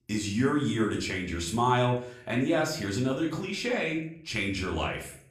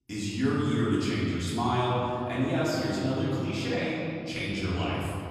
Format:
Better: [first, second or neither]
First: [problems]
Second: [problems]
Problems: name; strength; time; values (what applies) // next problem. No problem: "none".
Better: first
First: room echo; slight; dies away in 0.5 s // off-mic speech; far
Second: room echo; strong; dies away in 2.7 s // off-mic speech; far